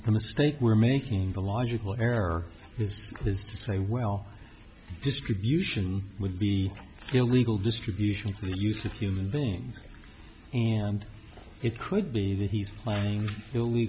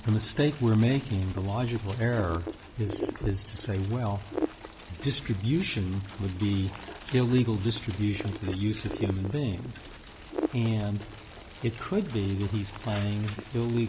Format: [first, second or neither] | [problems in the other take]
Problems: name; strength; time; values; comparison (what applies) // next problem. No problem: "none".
first | background sound (Wind); 11 dB below the speech